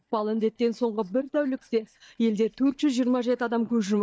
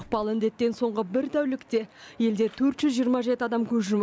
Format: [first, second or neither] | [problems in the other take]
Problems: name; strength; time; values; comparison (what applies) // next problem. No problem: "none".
second | noise reduction (neural mask model DeepFilterNet 3)